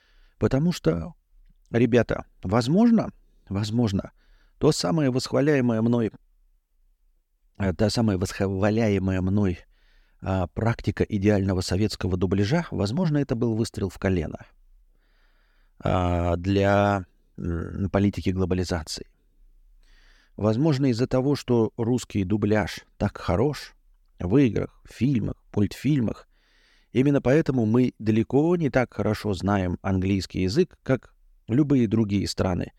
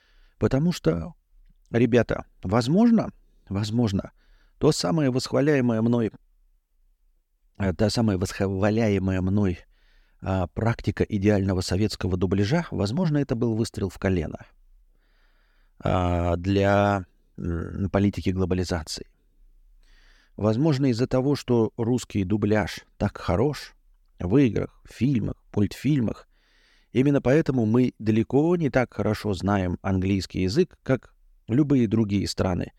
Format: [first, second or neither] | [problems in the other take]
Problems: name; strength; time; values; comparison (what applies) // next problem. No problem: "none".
neither | none